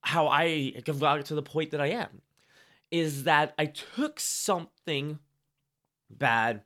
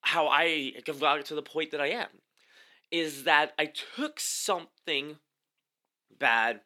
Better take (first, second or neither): first